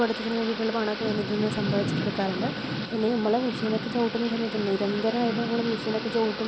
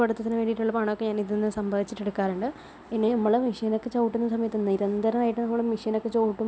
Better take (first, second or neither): second